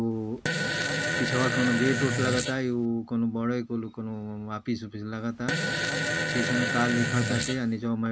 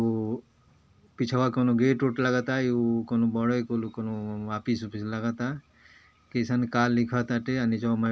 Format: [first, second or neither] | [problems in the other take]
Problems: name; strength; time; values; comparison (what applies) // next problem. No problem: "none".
second | background sound (Fart); as loud as the speech